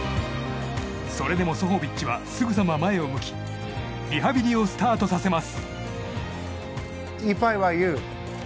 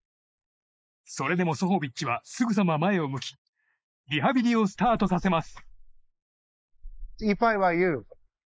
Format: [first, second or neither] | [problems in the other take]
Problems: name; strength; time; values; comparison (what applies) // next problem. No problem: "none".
first | noise reduction (neural mask model Resemble Enhance denoiser)